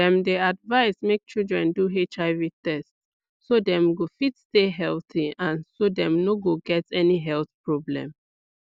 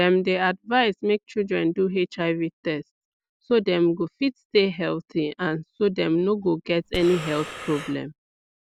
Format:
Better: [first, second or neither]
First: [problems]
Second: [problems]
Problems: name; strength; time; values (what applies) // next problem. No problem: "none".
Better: first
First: none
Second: background sound (Breathing); 12 dB below the speech